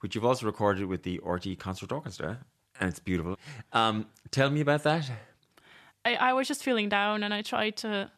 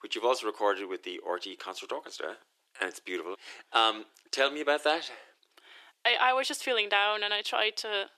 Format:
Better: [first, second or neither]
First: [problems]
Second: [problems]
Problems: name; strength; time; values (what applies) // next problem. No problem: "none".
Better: first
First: none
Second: thin; very; fading below 350 Hz